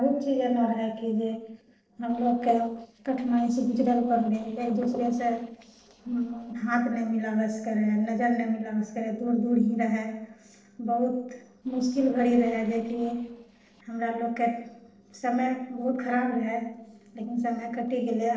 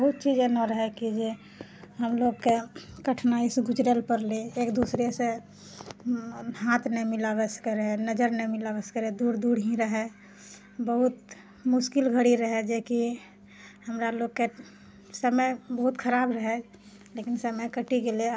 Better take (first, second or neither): second